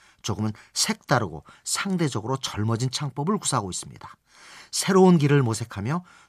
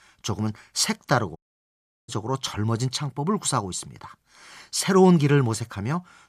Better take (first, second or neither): first